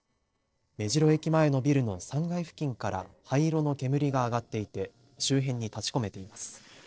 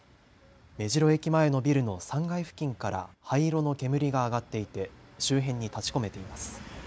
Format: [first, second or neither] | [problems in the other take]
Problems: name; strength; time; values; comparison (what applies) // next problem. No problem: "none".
second | noise reduction (neural separator model SepFormer DNS4)